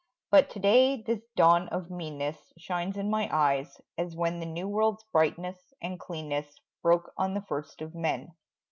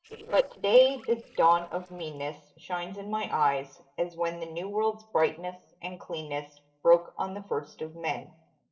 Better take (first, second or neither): first